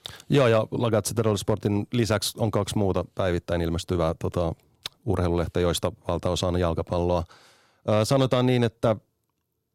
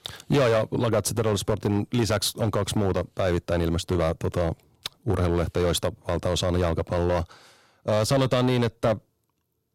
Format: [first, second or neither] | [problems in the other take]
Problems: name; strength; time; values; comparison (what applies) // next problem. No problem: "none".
first | distortion; slight; 6% of the sound clipped